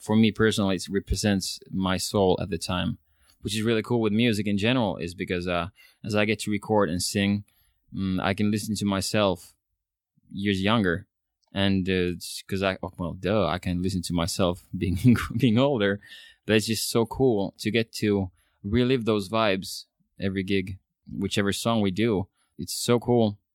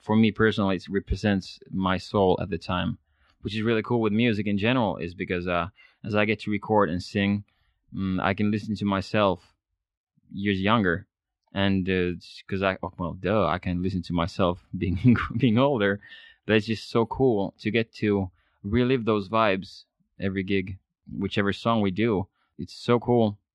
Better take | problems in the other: first | muffled; slightly; fading above 2.5 kHz

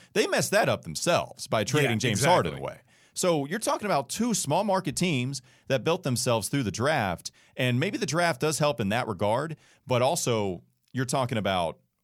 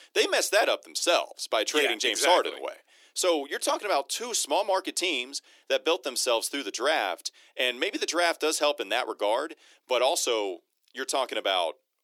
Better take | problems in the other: first | thin; very; fading below 300 Hz

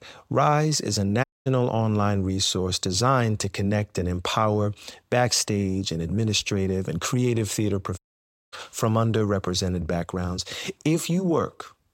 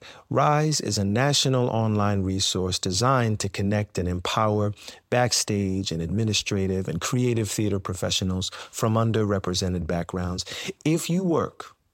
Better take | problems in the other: second | audio cutting out; at 1 s and at 8 s for 0.5 s

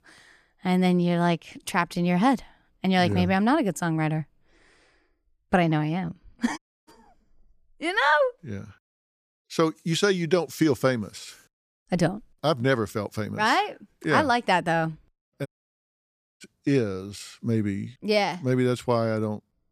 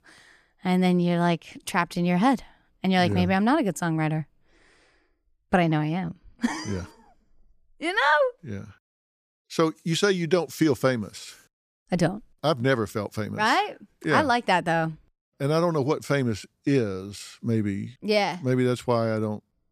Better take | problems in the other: second | audio cutting out; at 6.5 s and at 15 s for 1 s

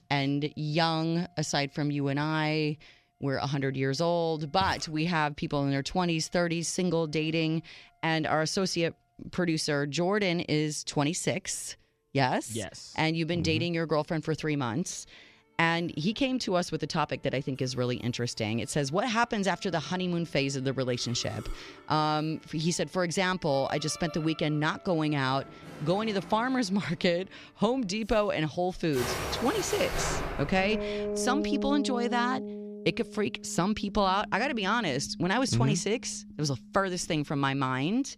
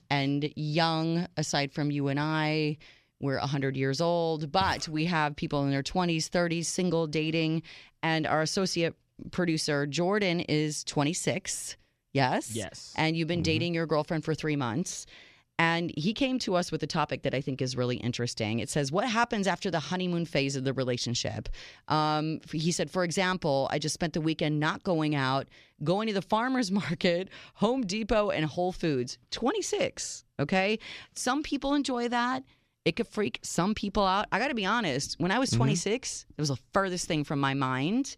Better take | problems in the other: second | background music; loud; throughout; 9 dB below the speech

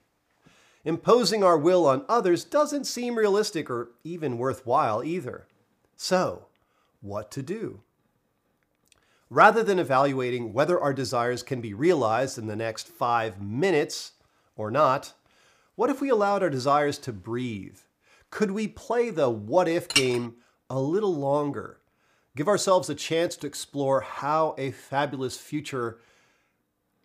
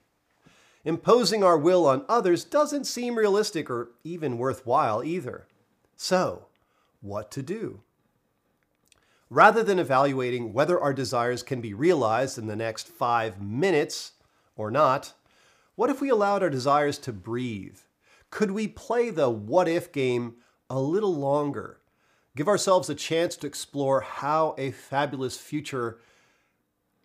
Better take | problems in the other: second | clattering dishes; loud; at 20 s; peak 1 dB above the speech

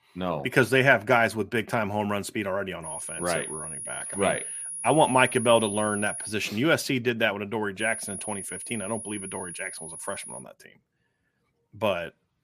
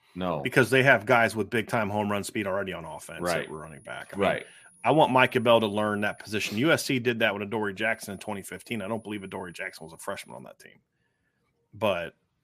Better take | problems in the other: second | high-pitched whine; loud; from 3 to 6.5 s and from 8 to 10 s; 10.5 kHz, 8 dB below the speech; faint in the second

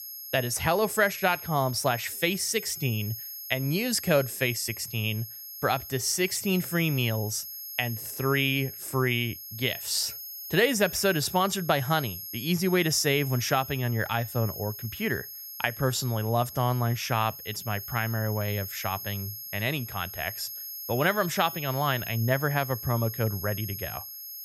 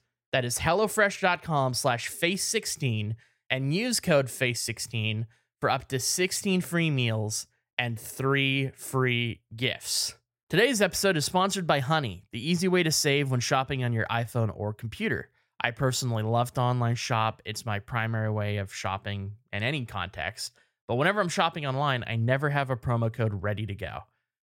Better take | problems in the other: second | high-pitched whine; loud; throughout; 11.5 kHz, 9 dB below the speech

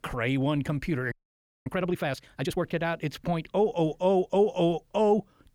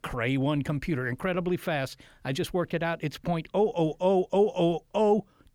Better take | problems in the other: second | audio freezing; at 1 s for 0.5 s

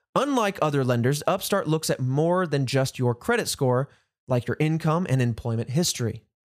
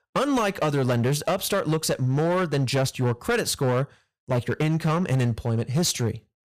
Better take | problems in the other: first | distortion; slight; 13% of the sound clipped

